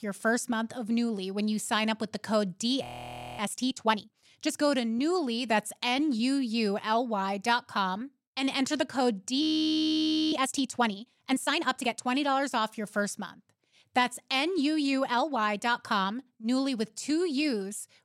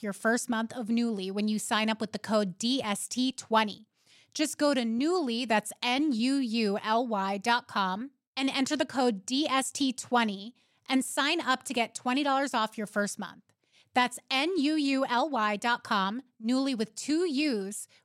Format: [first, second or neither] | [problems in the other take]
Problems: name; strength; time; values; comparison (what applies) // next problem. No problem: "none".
second | audio freezing; at 3 s for 0.5 s and at 9.5 s for 1 s